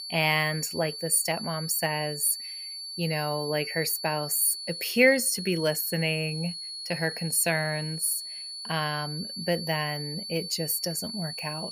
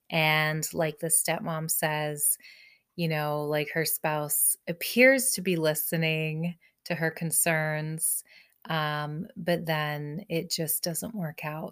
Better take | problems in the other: second | high-pitched whine; loud; throughout; 4.5 kHz, 8 dB below the speech

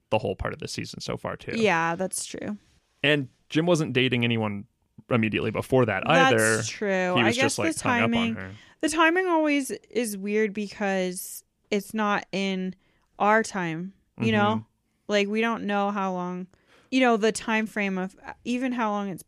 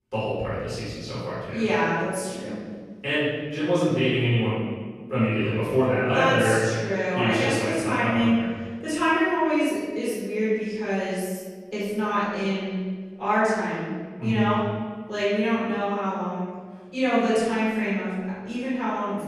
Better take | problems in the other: first | room echo; strong; dies away in 1.5 s // off-mic speech; far

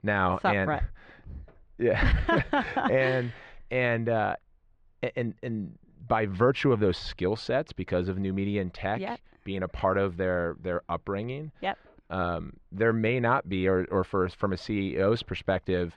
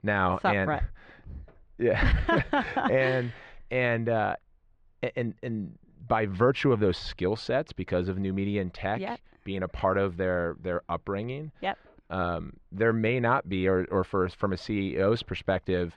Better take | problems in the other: neither | muffled; very; fading above 1.5 kHz; the same in both

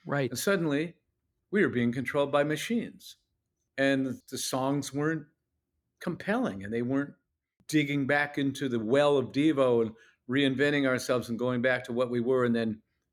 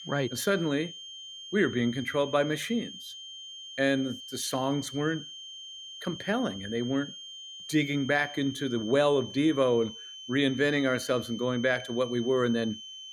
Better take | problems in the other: first | high-pitched whine; noticeable; throughout; 3 kHz, 10 dB below the speech

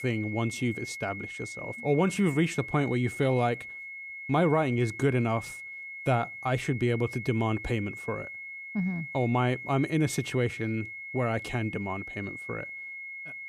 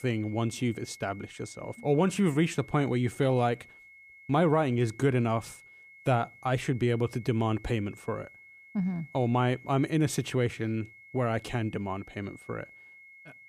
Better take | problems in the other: second | high-pitched whine; loud; throughout; 2 kHz, 9 dB below the speech; faint in the second

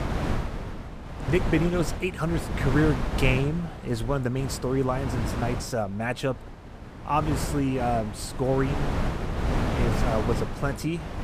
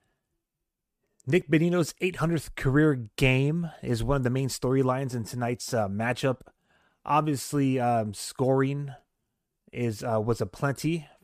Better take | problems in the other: second | wind noise on the microphone; heavy; 5 dB below the speech

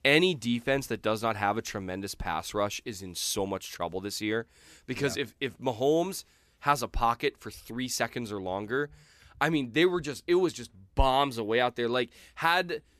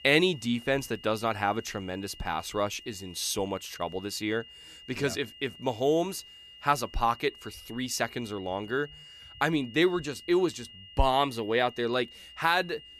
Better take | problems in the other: first | high-pitched whine; noticeable; throughout; 3 kHz, 20 dB below the speech

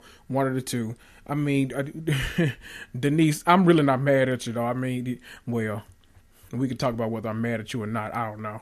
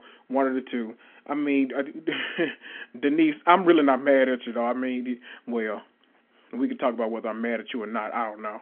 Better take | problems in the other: first | phone-call audio; nothing above 3.5 kHz

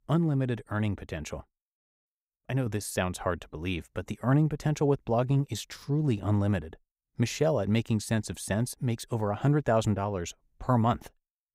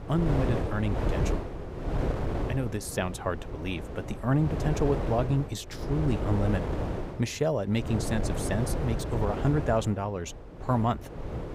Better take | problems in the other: first | wind noise on the microphone; heavy; 4 dB below the speech

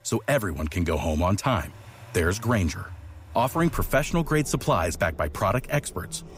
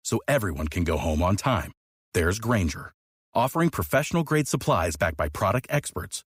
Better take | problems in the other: second | traffic noise; noticeable; throughout; 20 dB below the speech

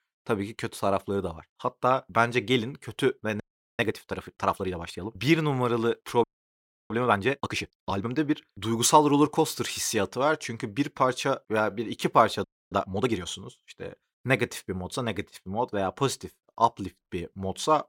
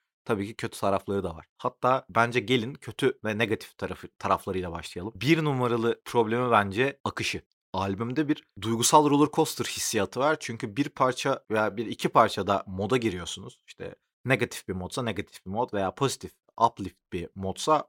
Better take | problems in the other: second | audio freezing; at 3.5 s, at 6 s for 0.5 s and at 12 s

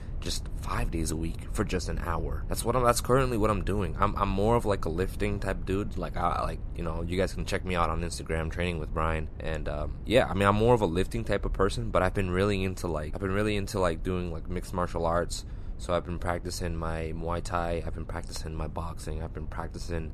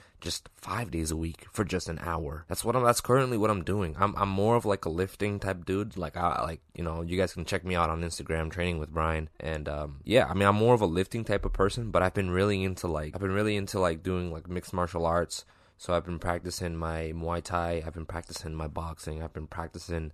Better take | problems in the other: second | low rumble; faint; throughout; 25 dB below the speech

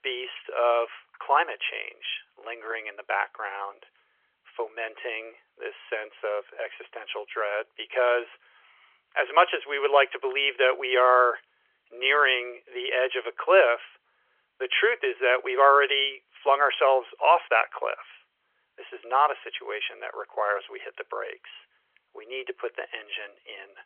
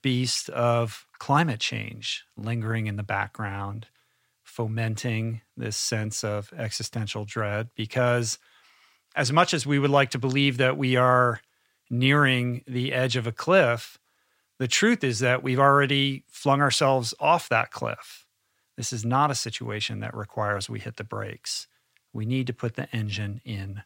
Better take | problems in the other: second | phone-call audio; nothing above 3.5 kHz

